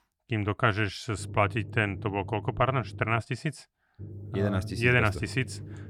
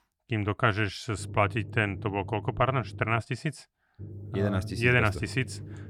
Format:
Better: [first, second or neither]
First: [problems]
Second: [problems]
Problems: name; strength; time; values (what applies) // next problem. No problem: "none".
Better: neither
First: low rumble; faint; from 1 to 3 s and from 4 s on; 25 dB below the speech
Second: low rumble; faint; from 1 to 3 s and from 4 s on; 25 dB below the speech